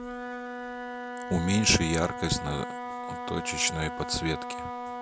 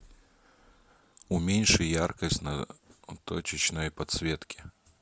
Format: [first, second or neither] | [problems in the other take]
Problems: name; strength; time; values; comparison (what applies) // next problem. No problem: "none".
second | background sound (Wind instrument, woodwind instrument); 6 dB below the speech